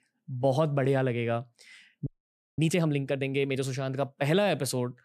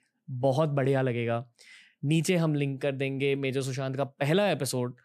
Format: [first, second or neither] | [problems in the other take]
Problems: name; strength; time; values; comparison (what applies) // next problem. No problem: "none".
second | audio freezing; at 2 s for 0.5 s